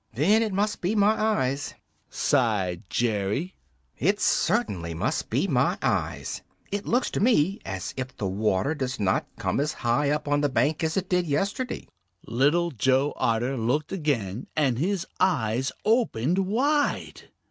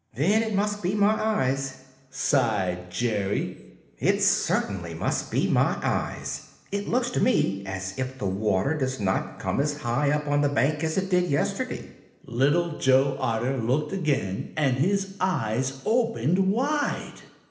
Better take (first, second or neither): first